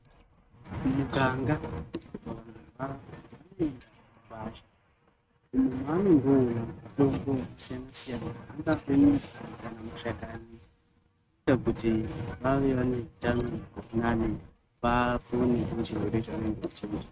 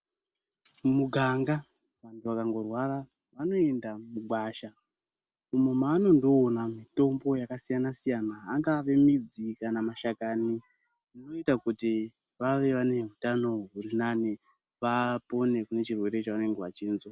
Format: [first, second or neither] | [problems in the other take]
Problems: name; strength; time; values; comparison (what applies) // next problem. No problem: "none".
second | noise reduction (neural mask model RNNoise)